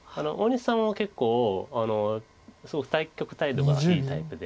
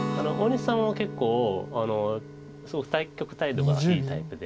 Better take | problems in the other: first | background sound (Guitar); 9 dB below the speech

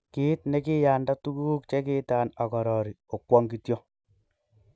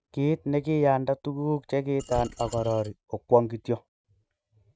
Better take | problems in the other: first | noise reduction (neural mask model RNNoise)

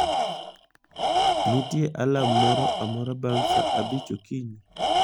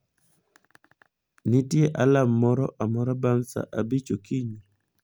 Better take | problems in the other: second | background sound (Tools); 2 dB above the speech

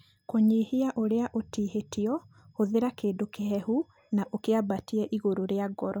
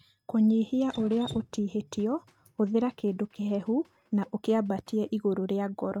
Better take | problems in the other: first | noise reduction (neural mask model RNNoise)

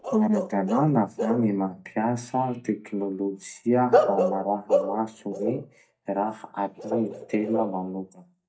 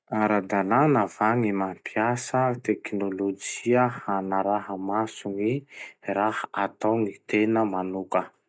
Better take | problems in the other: second | noise reduction (neural mask model DeepFilterNet 3)

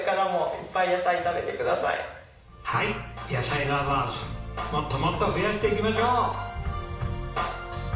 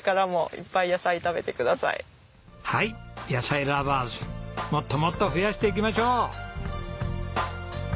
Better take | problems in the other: second | room echo; dies away in 0.7 s

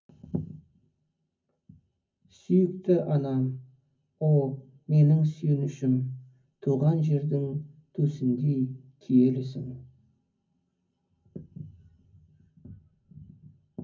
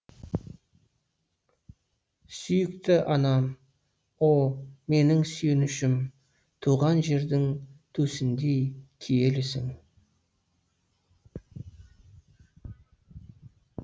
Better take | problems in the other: second | room echo; dies away in 0.3 s

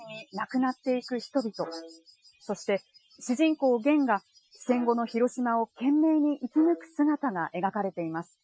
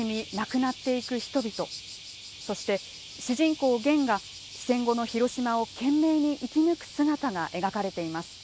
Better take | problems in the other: second | noise reduction (classical method Wiener filter)

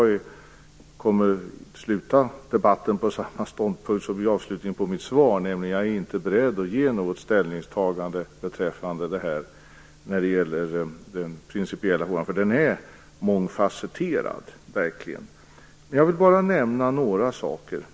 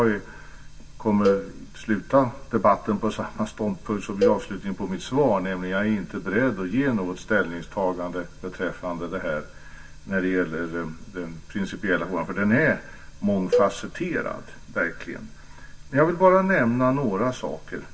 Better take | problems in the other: first | background sound (Cowbell); 5 dB below the speech // room echo; dies away in 0.2 s

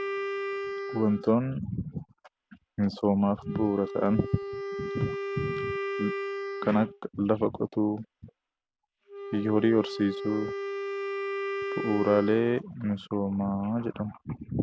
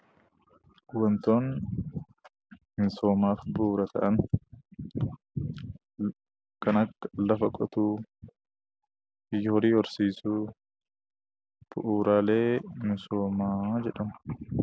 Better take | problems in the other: second | background sound (Wind instrument, woodwind instrument); 7 dB below the speech

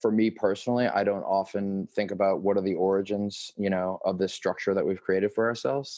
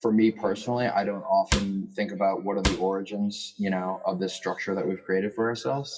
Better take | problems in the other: first | noise reduction (classical method WPE with log-MMSE)

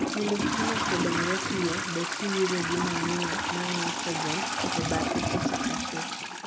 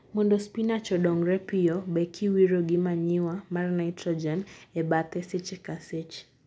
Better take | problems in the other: second | background sound (Trickle, dribble / Toilet flush); 3 dB above the speech

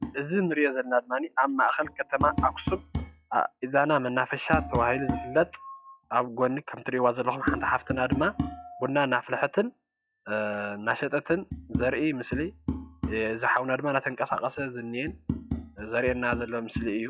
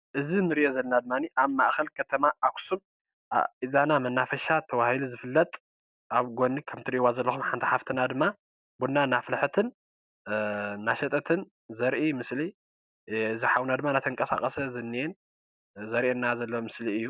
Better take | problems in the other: second | noise reduction (classical method log-MMSE)

